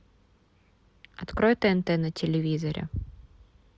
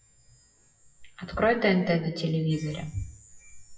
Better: first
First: none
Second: noise reduction (classical method WPE with log-MMSE)

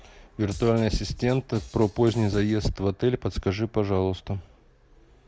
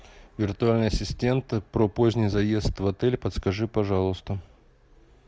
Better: second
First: background sound (Drum kit); 18 dB below the speech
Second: none

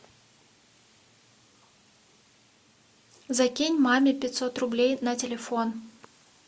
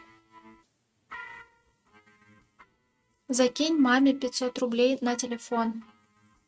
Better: first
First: none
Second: noise reduction (neural mask model RNNoise)

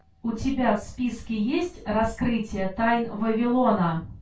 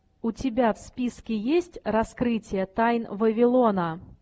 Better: second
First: room echo; dies away in 0.2 s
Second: none

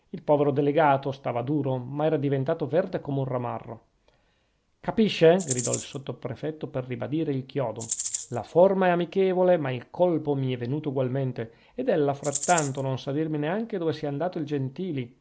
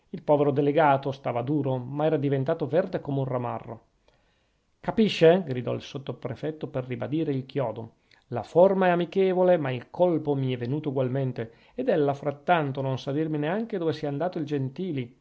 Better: second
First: background sound (Rattle (instrument)); 7 dB below the speech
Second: none

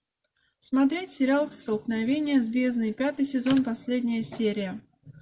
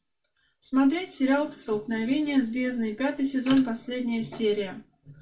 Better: first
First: none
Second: room echo; dies away in 0.2 s

